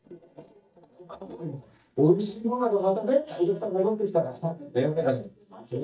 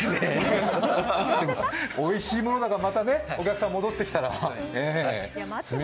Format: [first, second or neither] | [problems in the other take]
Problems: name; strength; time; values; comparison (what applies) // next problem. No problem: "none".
second | noise reduction (neural mask model DeepFilterNet 3)